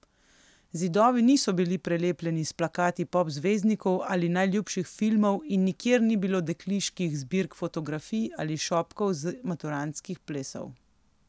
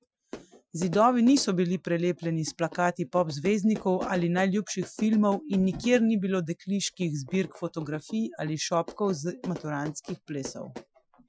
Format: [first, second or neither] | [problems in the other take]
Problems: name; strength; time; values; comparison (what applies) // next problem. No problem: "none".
first | noise reduction (classical method Wiener filter)